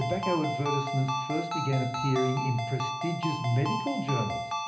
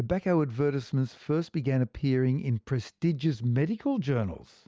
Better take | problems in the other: second | background sound (Ringtone); 3 dB below the speech // room echo; dies away in 0.5 s

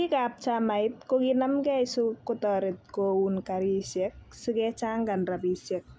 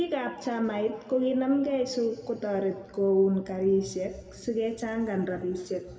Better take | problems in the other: first | room echo; dies away in 1.8 s

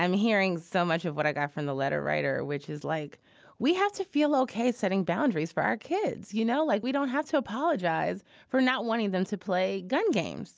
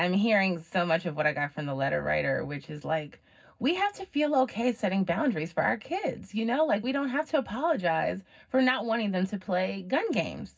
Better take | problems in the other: first | room echo; dies away in 0.4 s

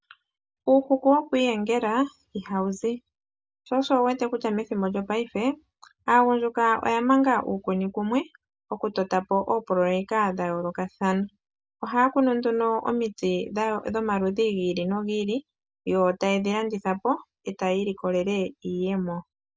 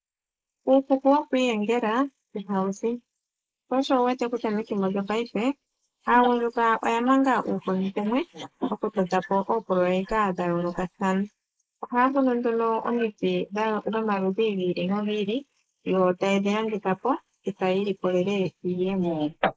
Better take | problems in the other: first | noise reduction (neural mask model Resemble Enhance denoiser)

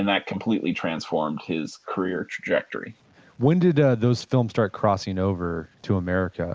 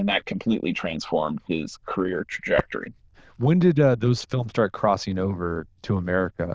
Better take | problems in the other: first | noise reduction (neural diffusion model UNIVERSE++)

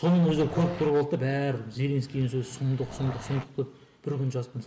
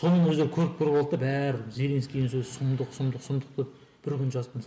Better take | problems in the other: second | background sound (Growling + Brass instrument); 13 dB below the speech

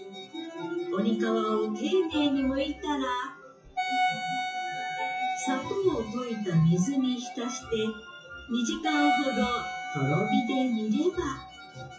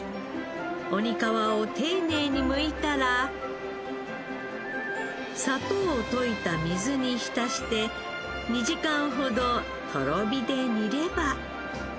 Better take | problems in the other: second | noise reduction (classical method WPE with log-MMSE)

